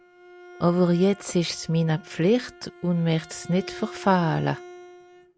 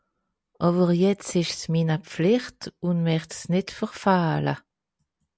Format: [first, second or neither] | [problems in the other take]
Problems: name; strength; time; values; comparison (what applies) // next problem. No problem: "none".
second | background sound (Bowed string instrument); 20 dB below the speech